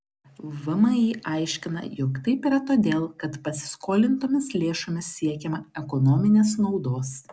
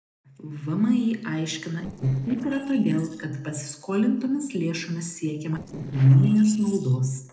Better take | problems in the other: first | noise reduction (neural separator model SepFormer DNS4)

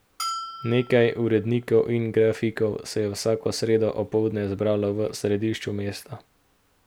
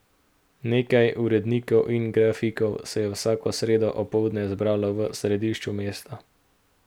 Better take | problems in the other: second | background sound (Bell); 13 dB below the speech

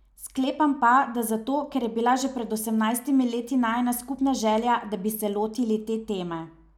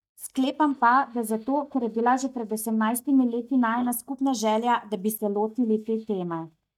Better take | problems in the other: first | noise reduction (neural mask model DeepFilterNet 3)

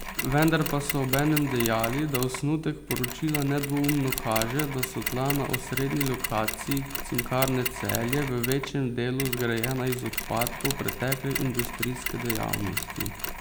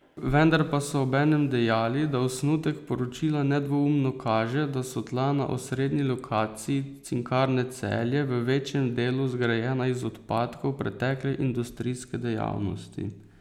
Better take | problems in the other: second | background sound (Mechanisms); 5 dB below the speech

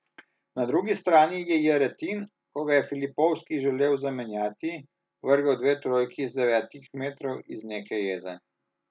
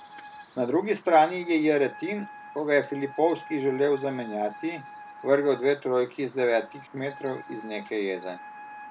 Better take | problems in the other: first | background sound (Chirp, tweet + Wind instrument, woodwind instrument); 18 dB below the speech

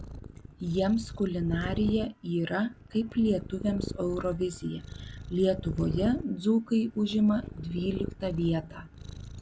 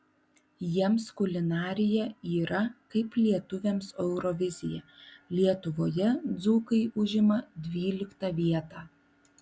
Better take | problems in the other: second | background sound (Purr); 10 dB below the speech

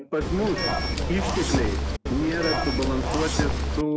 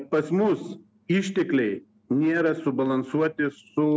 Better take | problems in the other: second | background sound (Zipper (clothing) / Telephone); 2 dB above the speech

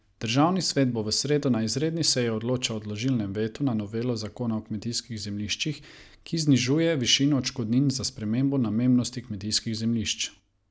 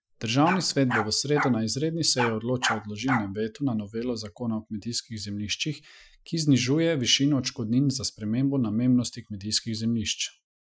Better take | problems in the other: first | noise reduction (classical method Wiener filter)

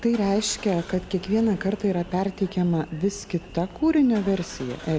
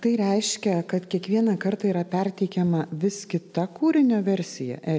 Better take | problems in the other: second | background sound (Engine starting / Car); 18 dB below the speech

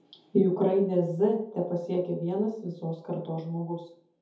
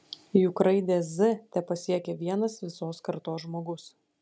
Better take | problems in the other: second | room echo; dies away in 0.5 s

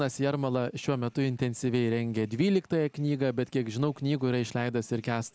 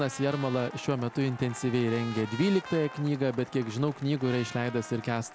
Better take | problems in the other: first | background sound (Applause / Cheering + Trumpet); 15 dB below the speech

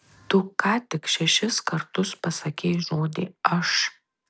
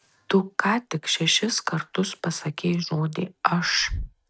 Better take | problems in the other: first | noise reduction (neural mask model RNNoise)

